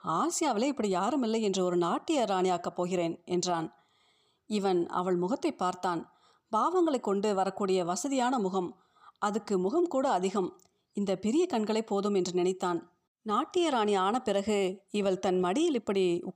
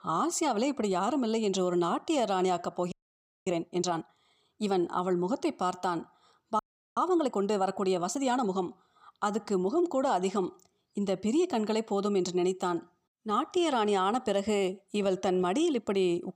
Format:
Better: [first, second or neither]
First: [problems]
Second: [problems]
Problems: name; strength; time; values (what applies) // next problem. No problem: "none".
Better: first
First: none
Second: audio freezing; at 3 s for 0.5 s and at 6.5 s